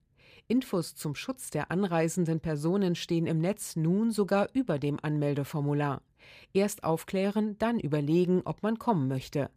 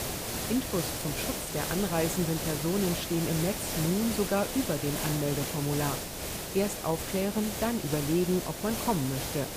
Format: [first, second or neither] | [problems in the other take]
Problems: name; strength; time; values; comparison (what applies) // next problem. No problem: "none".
first | hiss; loud; throughout; 2 dB below the speech